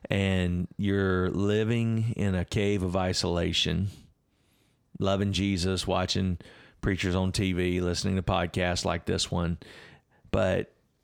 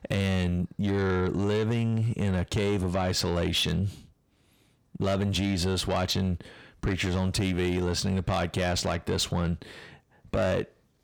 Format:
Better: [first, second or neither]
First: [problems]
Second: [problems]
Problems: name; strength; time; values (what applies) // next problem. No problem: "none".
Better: first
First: none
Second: distortion; slight; 10 dB below the speech